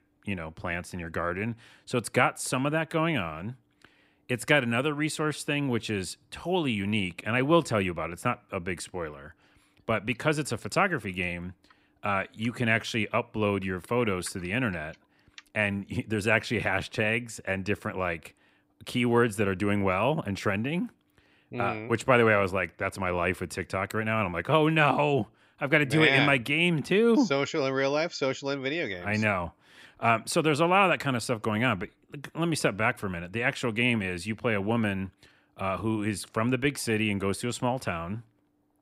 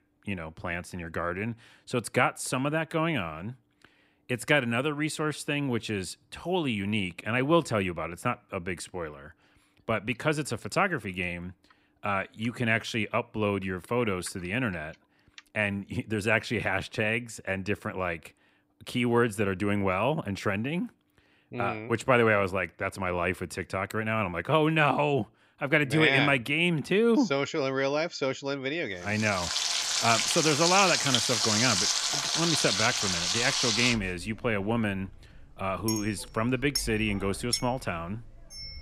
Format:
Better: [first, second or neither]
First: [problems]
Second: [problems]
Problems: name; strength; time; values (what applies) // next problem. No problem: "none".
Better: first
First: none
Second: household noises; very loud; from 29 s on; 2 dB above the speech